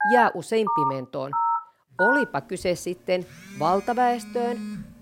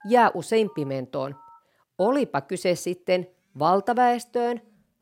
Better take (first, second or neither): second